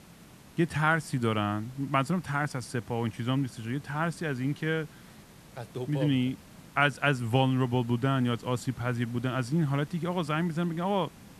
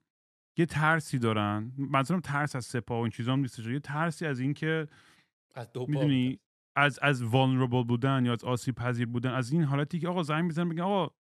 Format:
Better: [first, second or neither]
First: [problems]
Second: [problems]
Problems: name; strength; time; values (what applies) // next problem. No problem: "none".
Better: second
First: hiss; faint; throughout; 20 dB below the speech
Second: none